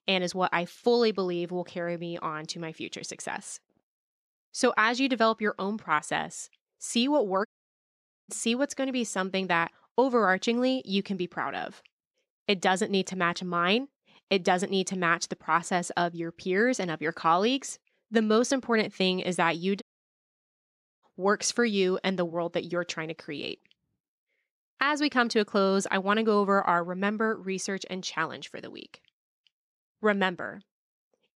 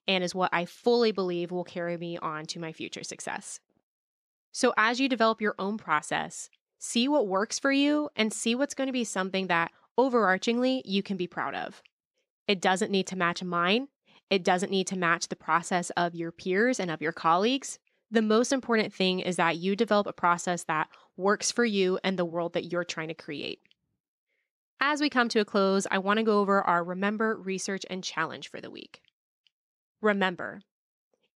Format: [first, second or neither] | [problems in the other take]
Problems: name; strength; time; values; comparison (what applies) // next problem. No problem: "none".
second | audio cutting out; at 7.5 s for 1 s and at 20 s for 1 s